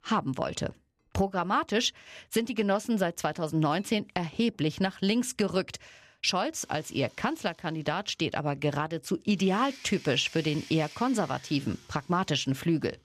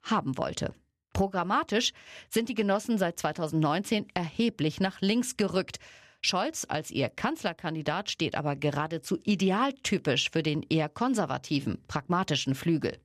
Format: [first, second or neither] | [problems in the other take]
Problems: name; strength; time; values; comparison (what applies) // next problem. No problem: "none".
second | household noises; faint; throughout; 20 dB below the speech